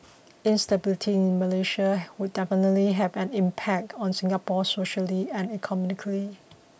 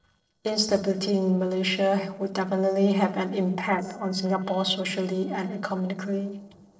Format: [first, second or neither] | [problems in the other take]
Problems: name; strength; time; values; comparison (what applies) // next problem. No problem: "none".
first | noise reduction (neural separator model SepFormer DNS4)